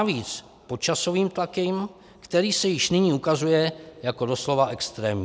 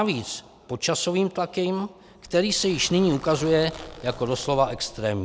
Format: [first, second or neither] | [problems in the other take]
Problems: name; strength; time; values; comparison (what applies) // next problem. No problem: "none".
first | background sound (Zipper (clothing)); 18 dB below the speech